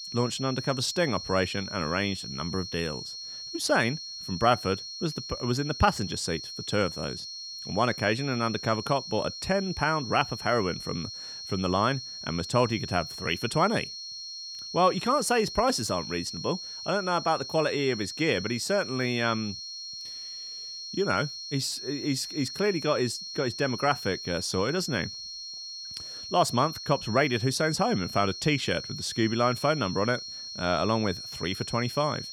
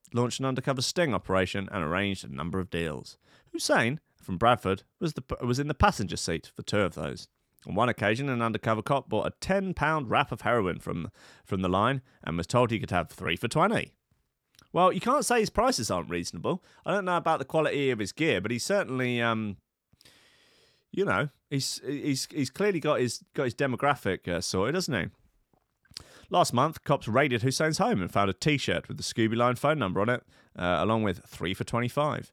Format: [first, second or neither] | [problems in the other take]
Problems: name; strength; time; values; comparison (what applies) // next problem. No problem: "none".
second | high-pitched whine; loud; throughout; 4.5 kHz, 8 dB below the speech